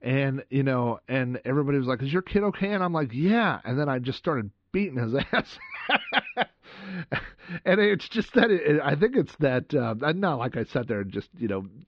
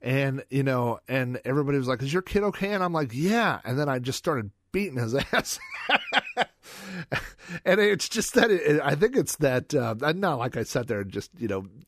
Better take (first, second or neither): second